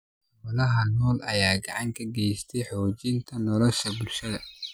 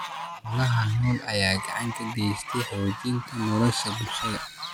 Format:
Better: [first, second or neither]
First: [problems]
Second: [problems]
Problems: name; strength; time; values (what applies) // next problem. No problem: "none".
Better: first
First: none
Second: background sound (Fowl); 8 dB below the speech